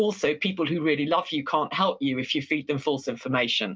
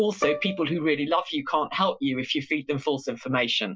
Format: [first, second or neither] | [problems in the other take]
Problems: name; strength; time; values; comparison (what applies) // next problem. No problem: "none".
first | noise reduction (classical method Wiener filter)